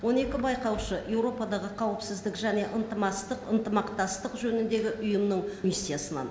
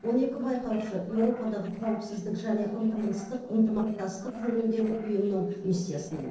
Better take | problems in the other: first | noise reduction (neural separator model SepFormer DNS4)

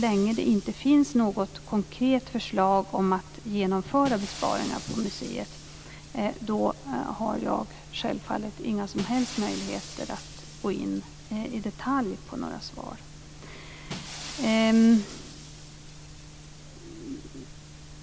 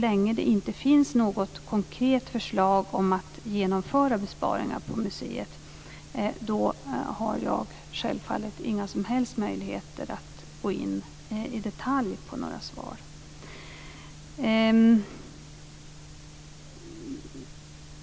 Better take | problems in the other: second | background sound (Shatter); 18 dB below the speech

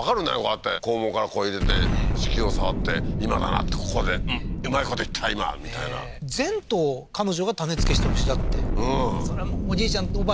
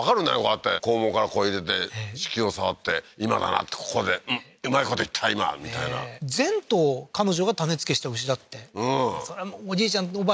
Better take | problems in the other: second | background sound (Explosion); 1 dB above the speech

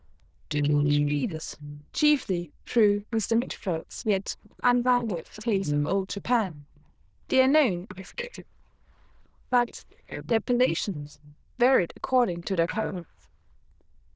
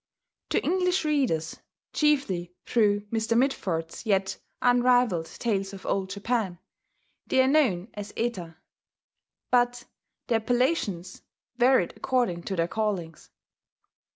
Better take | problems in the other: second | noise reduction (neural diffusion model UNIVERSE++)

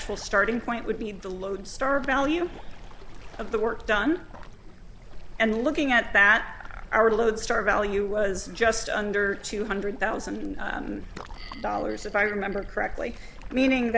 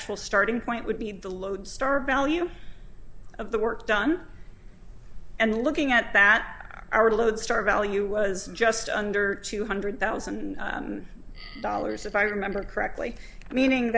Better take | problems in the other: second | background sound (Waves, surf); 18 dB below the speech

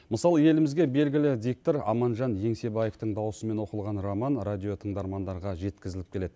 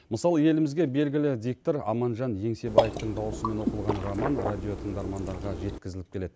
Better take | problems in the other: first | background sound (Water / Liquid); 2 dB below the speech

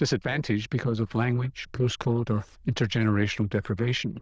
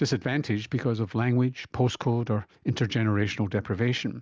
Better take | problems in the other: second | noise reduction (neural diffusion model UNIVERSE++)

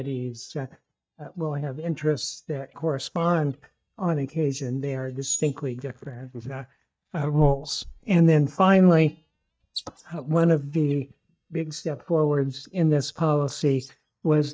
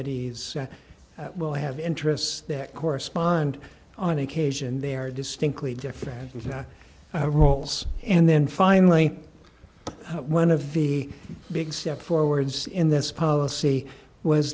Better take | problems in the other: second | noise reduction (neural mask model DeepFilterNet 3)

